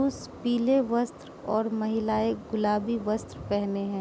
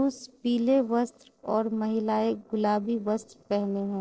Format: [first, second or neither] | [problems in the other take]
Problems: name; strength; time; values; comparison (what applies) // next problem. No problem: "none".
first | noise reduction (neural separator model SepFormer DNS4)